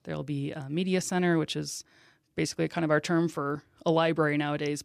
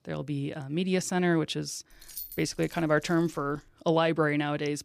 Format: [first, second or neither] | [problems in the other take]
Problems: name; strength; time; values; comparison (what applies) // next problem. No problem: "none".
first | jangling keys; faint; from 2 to 3.5 s; peak 10 dB below the speech